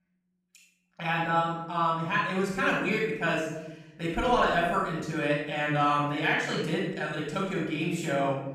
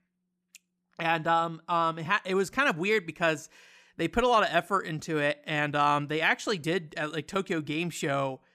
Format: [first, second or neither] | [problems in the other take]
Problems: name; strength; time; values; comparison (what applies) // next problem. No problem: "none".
second | off-mic speech; far // room echo; strong; dies away in 1 s